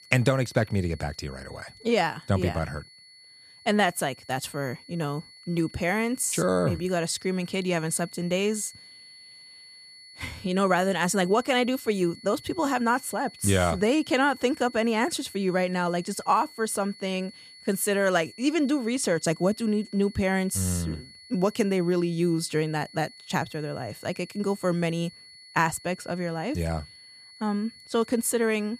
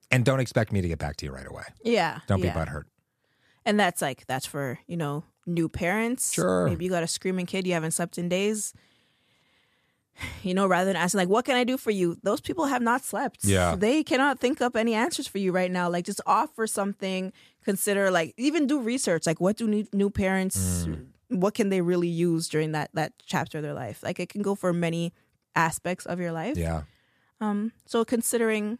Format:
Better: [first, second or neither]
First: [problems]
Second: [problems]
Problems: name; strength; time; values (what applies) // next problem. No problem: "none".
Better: second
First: high-pitched whine; faint; throughout; 4.5 kHz, 20 dB below the speech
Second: none